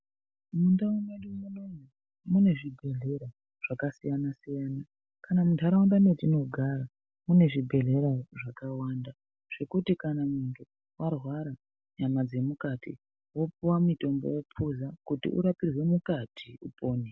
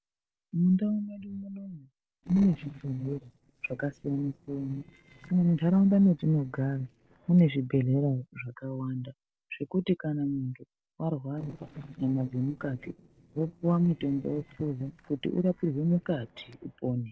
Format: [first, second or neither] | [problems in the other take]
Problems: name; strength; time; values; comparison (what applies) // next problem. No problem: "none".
first | noise reduction (neural separator model SepFormer DNS4)